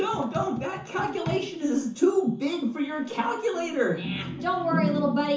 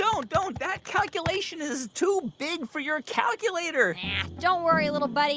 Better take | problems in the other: second | background sound (Cough); 18 dB below the speech // room echo; dies away in 0.9 s

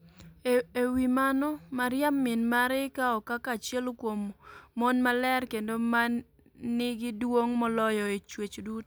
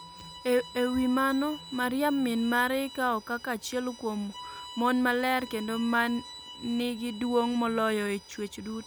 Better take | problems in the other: first | background sound (Bowed string instrument); 17 dB below the speech

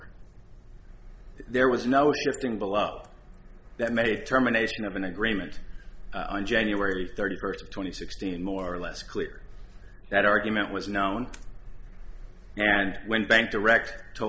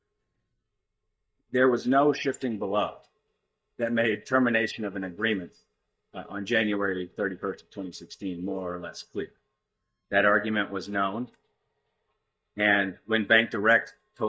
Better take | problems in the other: first | noise reduction (neural mask model DeepFilterNet 3)

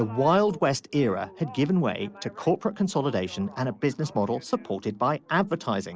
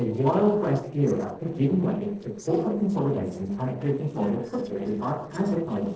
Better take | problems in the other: first | noise reduction (neural separator model SepFormer DNS4)

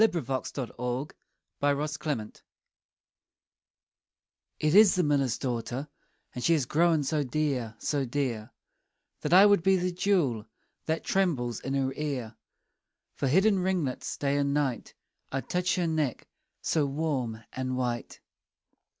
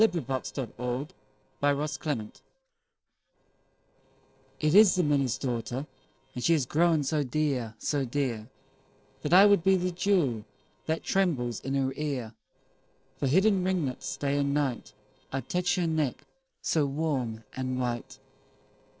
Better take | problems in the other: first | noise reduction (neural separator model SepFormer DNS4)

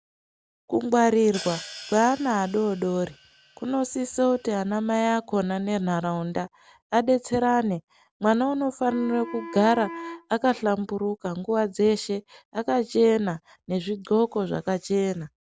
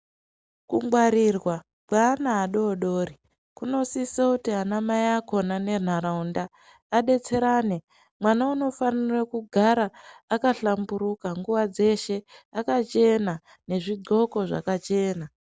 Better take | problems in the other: second | background sound (Hi-hat + Wind instrument, woodwind instrument); 16 dB below the speech

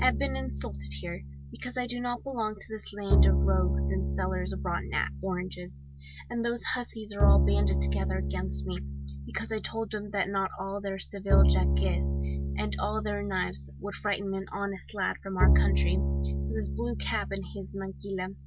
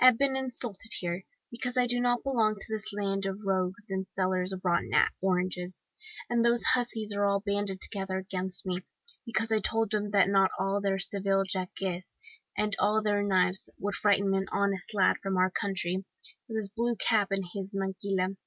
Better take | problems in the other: second | background sound (Bowed string instrument); 5 dB above the speech

